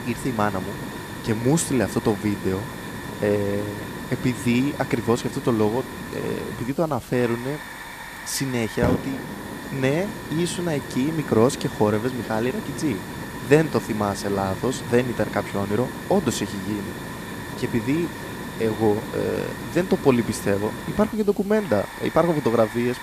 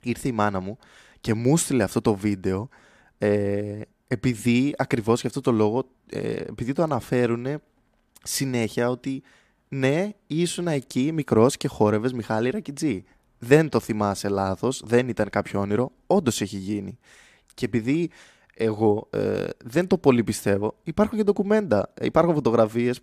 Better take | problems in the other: second | hiss; loud; throughout; 9 dB below the speech

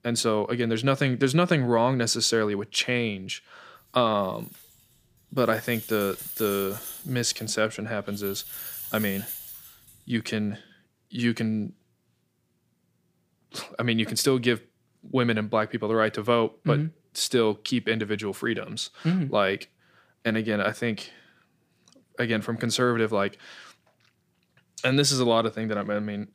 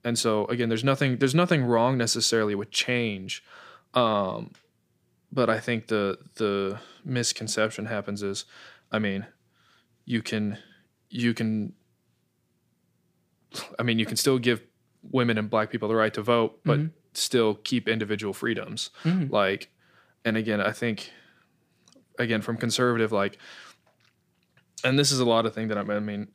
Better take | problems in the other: second | jangling keys; noticeable; from 4.5 to 10 s; peak 7 dB below the speech

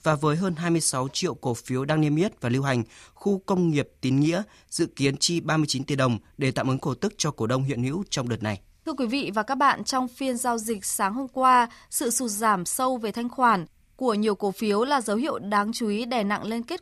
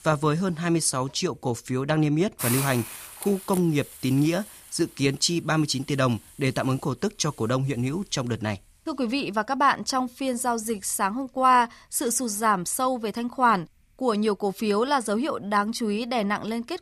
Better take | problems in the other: first | hiss; noticeable; until 9.5 s; 10 dB below the speech

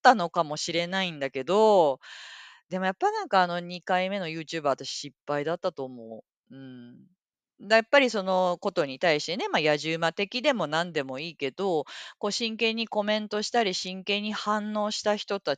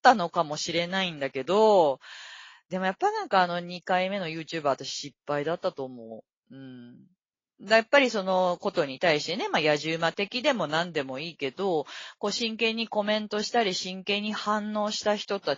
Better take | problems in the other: first | garbled, watery; slightly

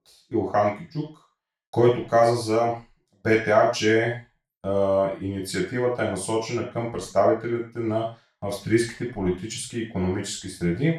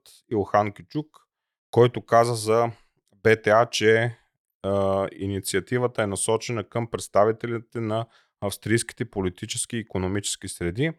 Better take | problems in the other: second | room echo; noticeable; dies away in 0.3 s // off-mic speech; far

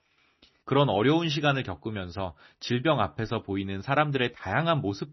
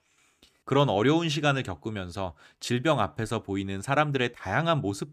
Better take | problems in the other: second | garbled, watery; slightly; nothing above 6 kHz

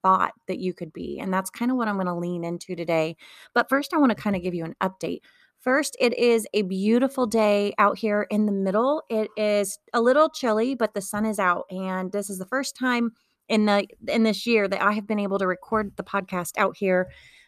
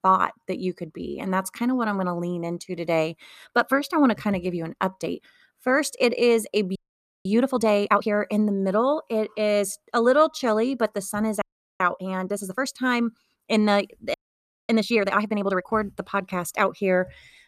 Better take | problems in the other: first | audio freezing; at 7 s, at 11 s and at 14 s for 0.5 s

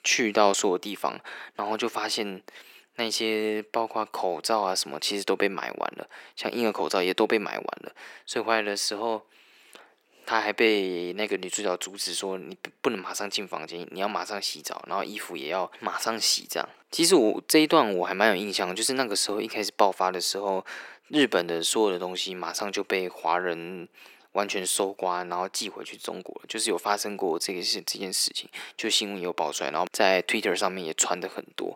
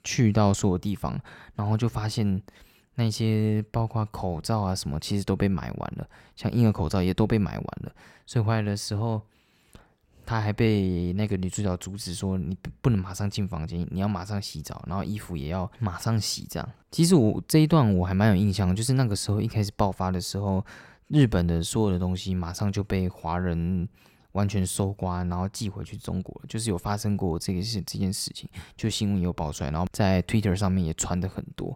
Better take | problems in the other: second | thin; very; fading below 350 Hz

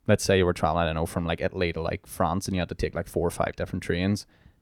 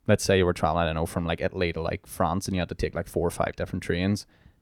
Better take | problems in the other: neither | none

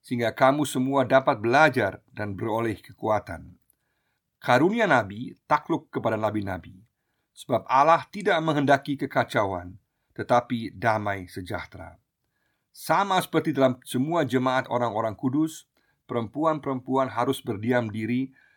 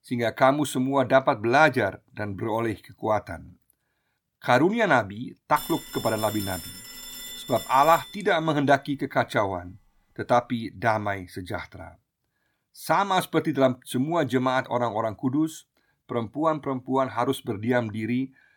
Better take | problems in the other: first | phone ringing; noticeable; from 5.5 to 8.5 s; peak 9 dB below the speech

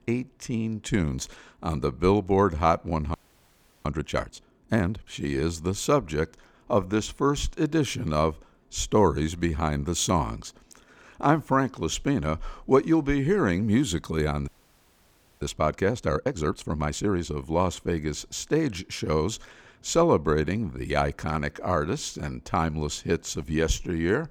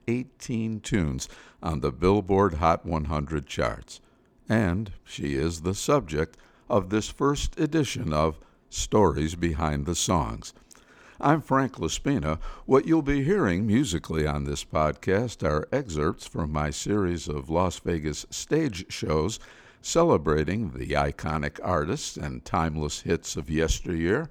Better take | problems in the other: second | audio freezing; at 3 s for 0.5 s and at 14 s for 1 s

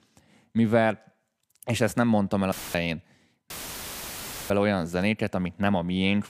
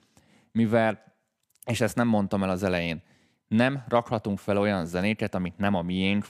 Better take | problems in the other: second | audio cutting out; filled with static; at 2.5 s and at 3.5 s for 1 s

